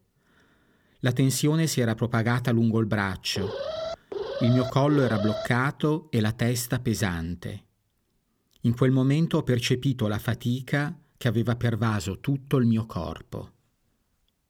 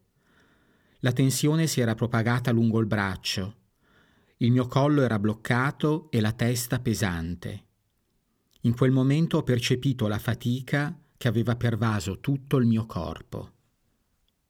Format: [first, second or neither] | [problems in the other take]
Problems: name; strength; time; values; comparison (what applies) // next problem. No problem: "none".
second | alarm; noticeable; from 3.5 to 5.5 s; peak 6 dB below the speech